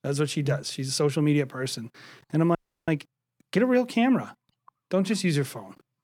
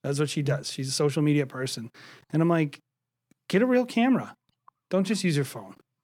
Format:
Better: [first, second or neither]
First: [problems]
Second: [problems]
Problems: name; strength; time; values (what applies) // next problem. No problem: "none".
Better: second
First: audio freezing; at 2.5 s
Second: none